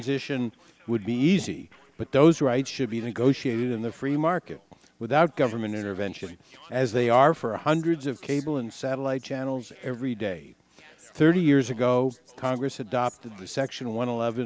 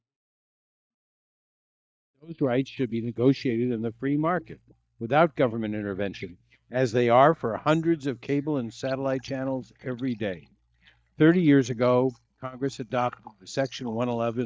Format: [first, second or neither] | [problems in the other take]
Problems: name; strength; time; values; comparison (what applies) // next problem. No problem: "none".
first | noise reduction (neural mask model DeepFilterNet 3)